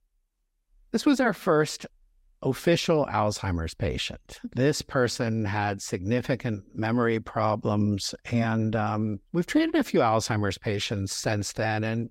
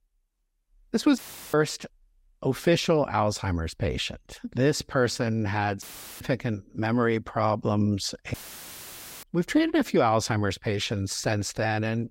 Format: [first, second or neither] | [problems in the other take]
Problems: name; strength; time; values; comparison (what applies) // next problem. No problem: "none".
first | audio cutting out; filled with static; at 1 s, at 6 s and at 8.5 s for 1 s